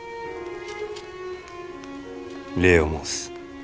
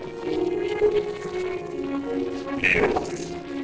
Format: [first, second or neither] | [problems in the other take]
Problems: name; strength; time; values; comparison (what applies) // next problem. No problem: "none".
first | noise reduction (neural separator model SepFormer DNS4)